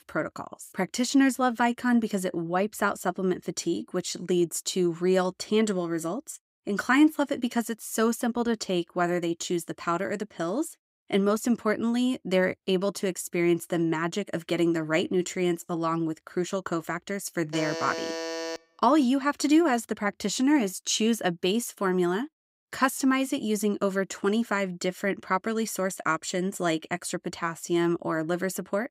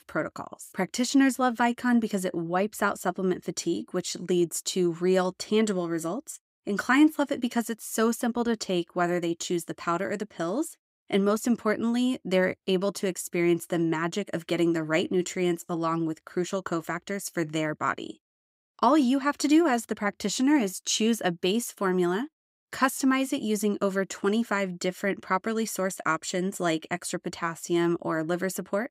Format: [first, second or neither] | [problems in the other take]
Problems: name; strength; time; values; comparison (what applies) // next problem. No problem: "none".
second | alarm; noticeable; from 18 to 19 s; peak 5 dB below the speech